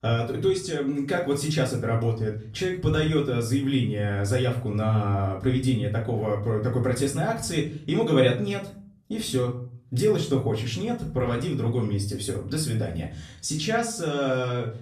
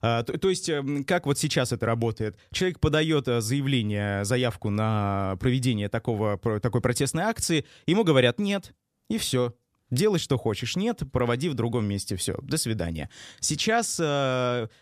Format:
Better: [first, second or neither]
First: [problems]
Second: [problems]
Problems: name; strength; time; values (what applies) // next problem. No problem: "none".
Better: second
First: room echo; slight; dies away in 0.5 s // off-mic speech; far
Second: none